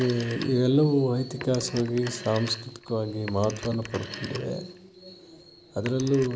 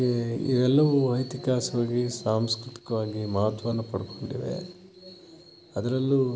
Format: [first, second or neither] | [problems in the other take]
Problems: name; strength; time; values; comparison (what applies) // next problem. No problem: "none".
second | background sound (Telephone); 16 dB below the speech